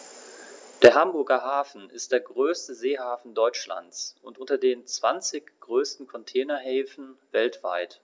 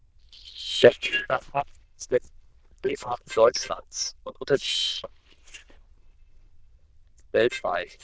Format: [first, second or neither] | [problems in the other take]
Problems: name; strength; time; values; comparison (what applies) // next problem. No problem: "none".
first | noise reduction (neural diffusion model UNIVERSE++)